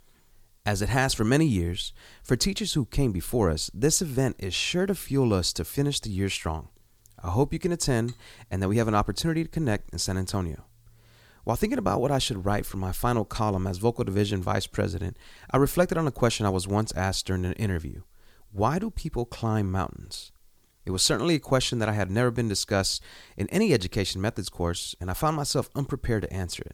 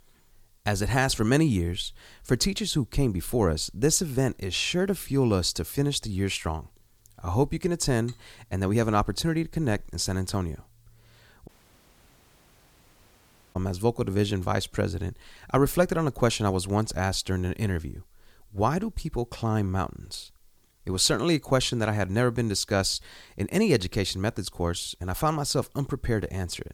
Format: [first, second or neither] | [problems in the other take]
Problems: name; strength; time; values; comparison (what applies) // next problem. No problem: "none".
first | audio cutting out; at 11 s for 2 s